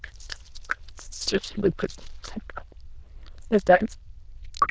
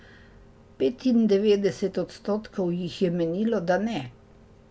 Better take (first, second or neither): second